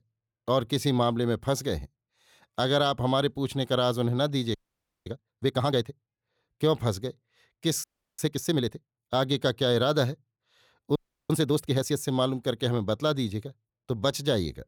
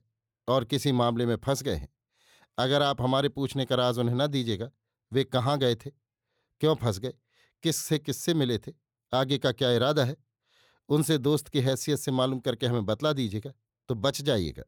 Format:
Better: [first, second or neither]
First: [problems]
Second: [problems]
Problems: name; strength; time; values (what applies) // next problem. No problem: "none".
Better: second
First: audio freezing; at 4.5 s for 0.5 s, at 8 s and at 11 s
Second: none